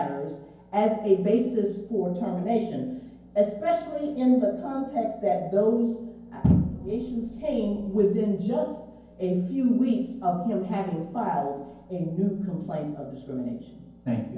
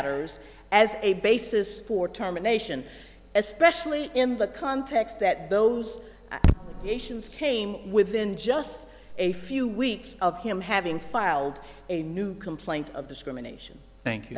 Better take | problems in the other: second | room echo; dies away in 0.9 s

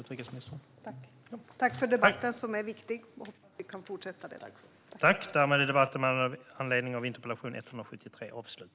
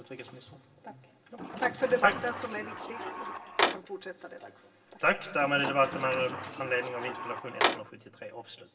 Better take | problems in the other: first | background sound (Sliding door); 2 dB below the speech // room echo; dies away in 2.9 s

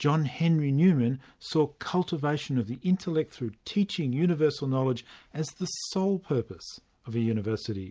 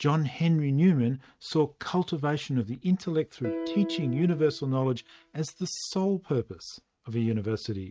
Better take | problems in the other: first | noise reduction (neural mask model RNNoise)

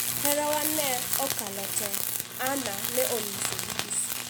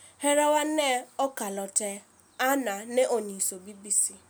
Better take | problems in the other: second | background sound (Tools); 2 dB above the speech

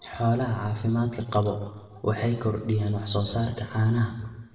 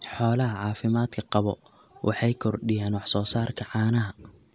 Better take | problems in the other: second | room echo; dies away in 1.1 s

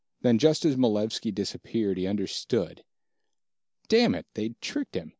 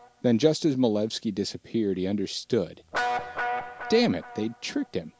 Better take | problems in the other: first | background sound (Guitar); 9 dB below the speech

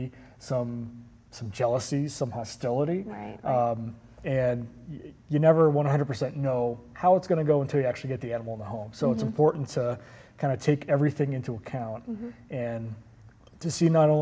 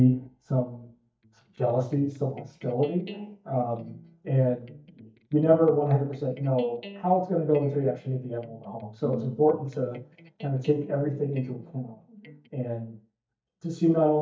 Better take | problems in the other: first | noise reduction (neural mask model DeepFilterNet 3)

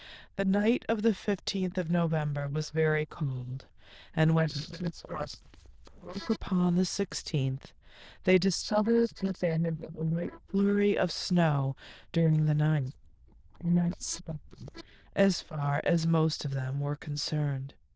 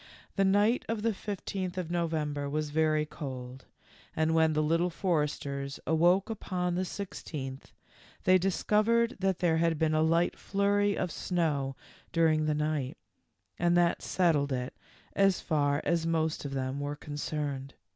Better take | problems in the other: second | noise reduction (neural diffusion model UNIVERSE++)

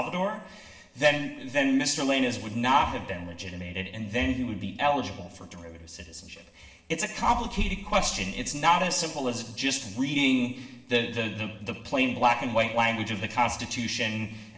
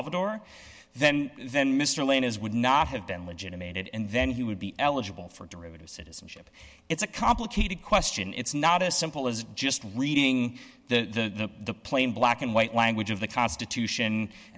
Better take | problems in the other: second | room echo; dies away in 1.4 s

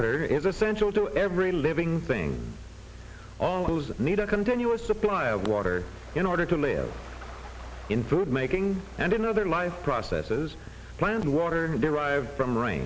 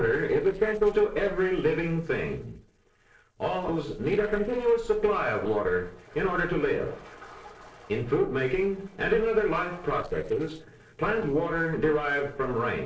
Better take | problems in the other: first | noise reduction (neural separator model SepFormer DNS4)

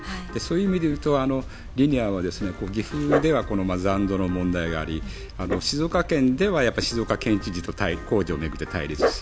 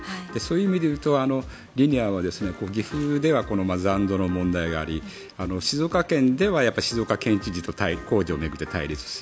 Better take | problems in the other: second | background sound (Dog); 8 dB below the speech

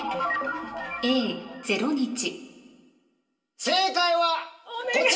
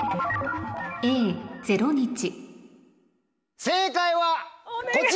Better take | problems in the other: second | room echo; dies away in 0.2 s

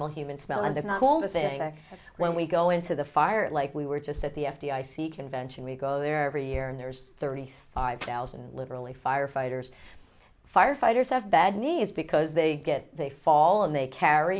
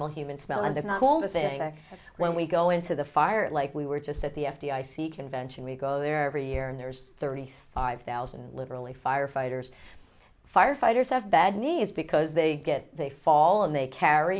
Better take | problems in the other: second | background sound (Clapping); 16 dB below the speech

